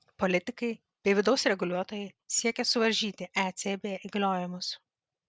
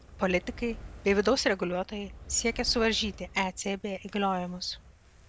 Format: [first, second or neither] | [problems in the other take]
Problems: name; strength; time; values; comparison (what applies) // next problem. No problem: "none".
first | background sound (Fire); 15 dB below the speech